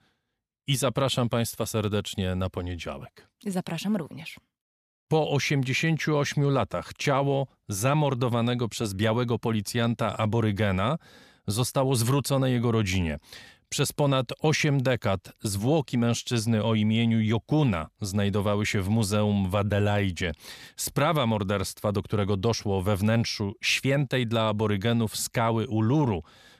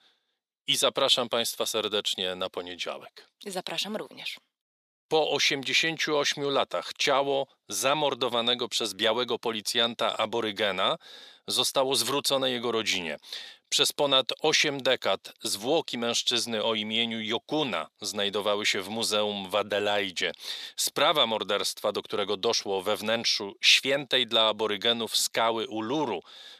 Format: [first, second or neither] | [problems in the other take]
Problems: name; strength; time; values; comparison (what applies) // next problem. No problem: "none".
first | thin; somewhat; fading below 450 Hz